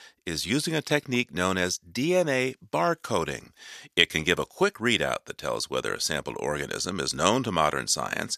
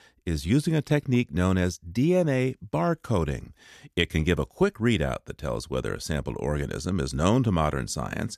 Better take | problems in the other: second | thin; somewhat; fading below 800 Hz

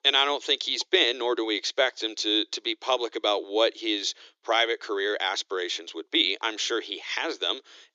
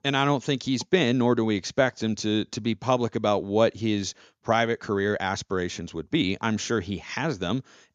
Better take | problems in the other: second | thin; very; fading below 300 Hz

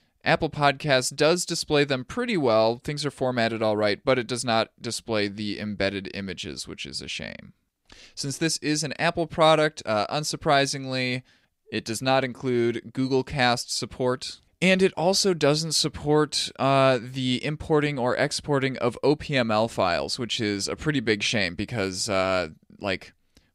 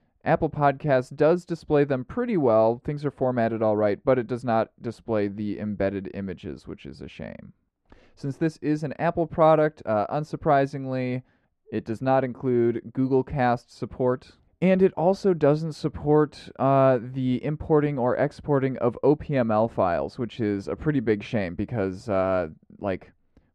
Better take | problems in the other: first | muffled; very; fading above 2.5 kHz

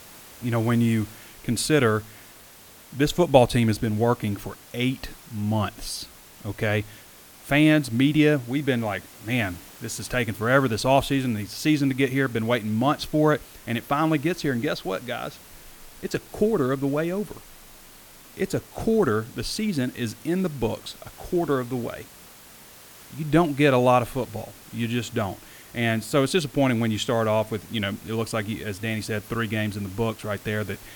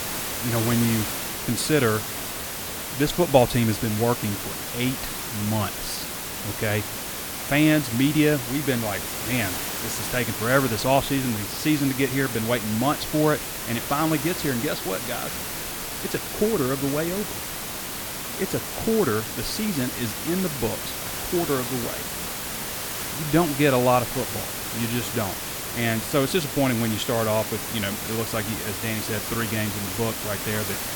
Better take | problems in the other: first | hiss; loud; throughout; 4 dB below the speech; faint in the first

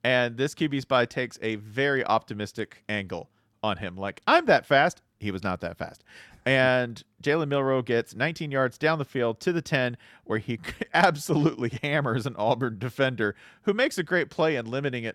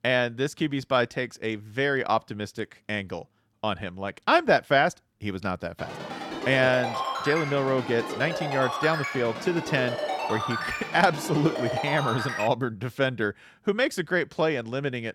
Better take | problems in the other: first | phone ringing; noticeable; from 6 to 12 s; peak 3 dB below the speech

